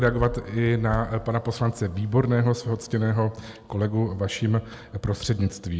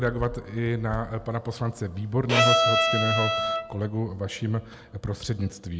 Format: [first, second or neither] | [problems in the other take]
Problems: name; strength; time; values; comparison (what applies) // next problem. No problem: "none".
first | background sound (Bowed string instrument); 5 dB above the speech